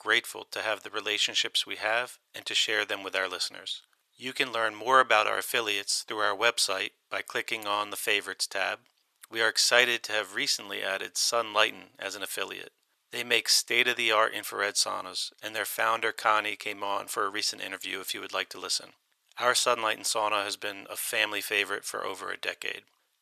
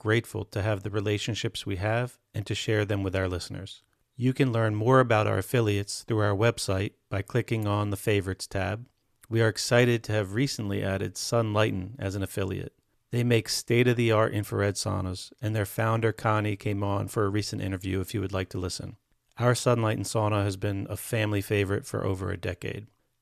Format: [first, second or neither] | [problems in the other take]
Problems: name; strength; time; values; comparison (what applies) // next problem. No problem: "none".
second | thin; very; fading below 850 Hz